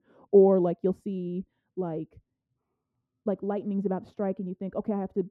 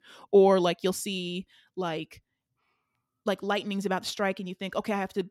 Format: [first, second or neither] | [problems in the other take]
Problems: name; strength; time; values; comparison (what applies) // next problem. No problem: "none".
second | muffled; very; fading above 1.5 kHz